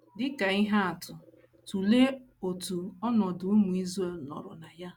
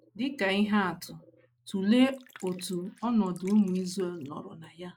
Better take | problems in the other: first | noise reduction (neural mask model Resemble Enhance denoiser)

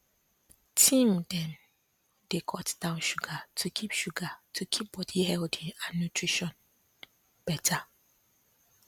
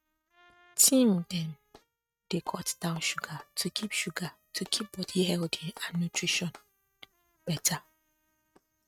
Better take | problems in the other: first | noise reduction (neural mask model RNNoise)

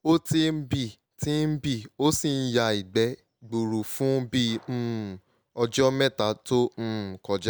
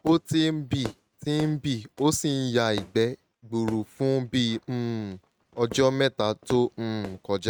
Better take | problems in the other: first | noise reduction (neural mask model RNNoise)

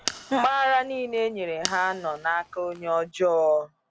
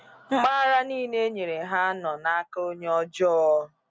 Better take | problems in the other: second | background sound (Fire); 14 dB below the speech

